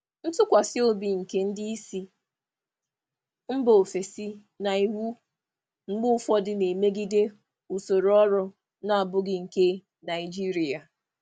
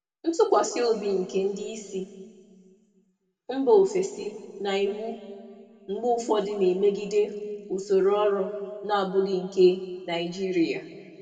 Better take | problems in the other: first | room echo; dies away in 1.8 s

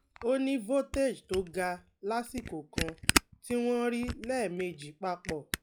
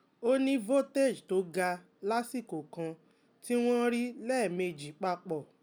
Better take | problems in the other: second | noise reduction (classical method log-MMSE)

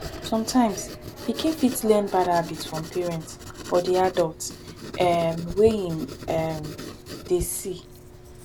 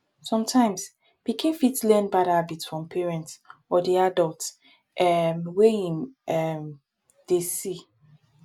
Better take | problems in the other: second | background sound (Writing); 12 dB below the speech

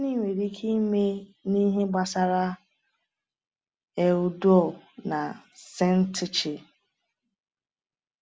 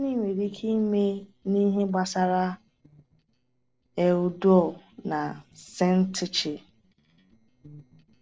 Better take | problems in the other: first | noise reduction (neural separator model SepFormer DNS4)

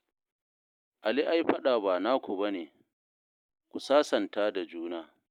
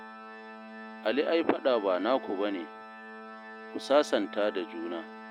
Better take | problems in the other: first | background sound (Organ); 14 dB below the speech

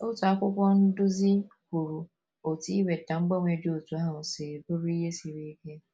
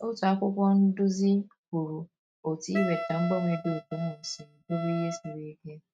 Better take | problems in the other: first | noise reduction (neural mask model RNNoise)

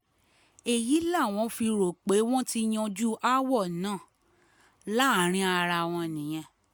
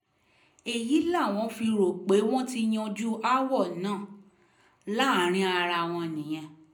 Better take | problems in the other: first | room echo; dies away in 0.5 s

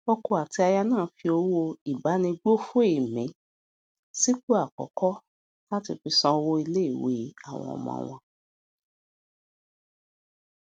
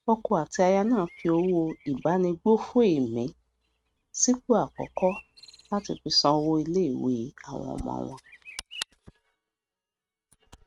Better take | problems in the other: first | noise reduction (neural mask model RNNoise)

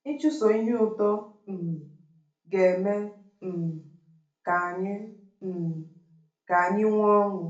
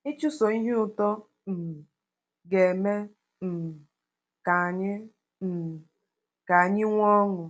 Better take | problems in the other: second | room echo; dies away in 0.4 s

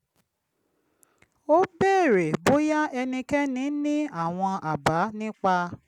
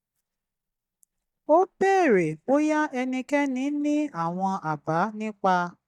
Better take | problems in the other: first | noise reduction (neural mask model DeepFilterNet 3)

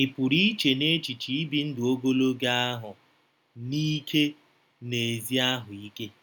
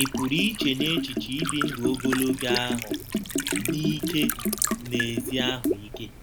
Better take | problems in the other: first | background sound (Liquid + Liquid); as loud as the speech

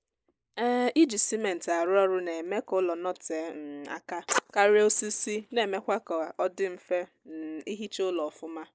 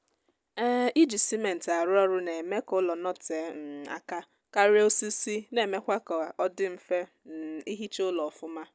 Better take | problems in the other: second | noise reduction (neural mask model Resemble Enhance denoiser)

